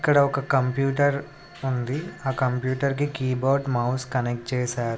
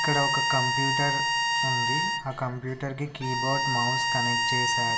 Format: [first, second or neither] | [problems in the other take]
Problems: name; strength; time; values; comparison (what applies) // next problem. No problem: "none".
first | background sound (Bowed string instrument); 4 dB above the speech // room echo; dies away in 1.3 s